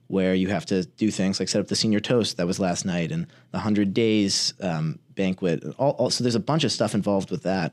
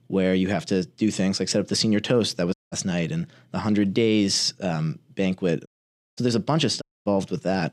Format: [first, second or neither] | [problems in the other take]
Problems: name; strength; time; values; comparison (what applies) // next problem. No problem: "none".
first | audio cutting out; at 2.5 s, at 5.5 s for 0.5 s and at 7 s